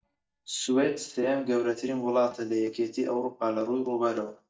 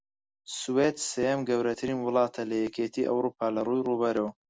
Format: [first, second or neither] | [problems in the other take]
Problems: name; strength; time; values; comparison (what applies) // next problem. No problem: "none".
second | noise reduction (neural mask model DeepFilterNet 3)